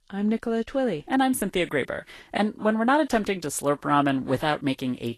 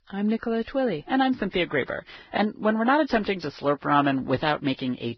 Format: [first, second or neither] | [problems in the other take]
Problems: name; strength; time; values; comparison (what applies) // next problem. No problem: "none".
first | garbled, watery; badly; nothing above 5.5 kHz; slightly in the first